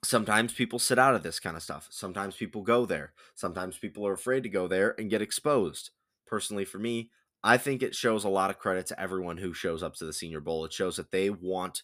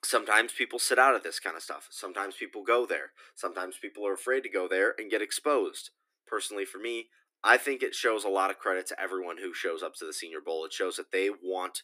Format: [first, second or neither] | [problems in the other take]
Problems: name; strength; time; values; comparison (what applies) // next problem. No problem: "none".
first | thin; somewhat; fading below 300 Hz